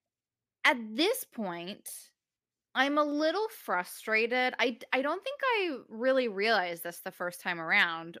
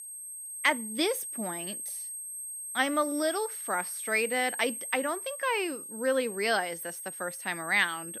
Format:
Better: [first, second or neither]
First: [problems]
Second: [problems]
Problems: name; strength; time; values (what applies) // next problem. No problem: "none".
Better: first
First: none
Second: high-pitched whine; loud; throughout; 8.5 kHz, 7 dB below the speech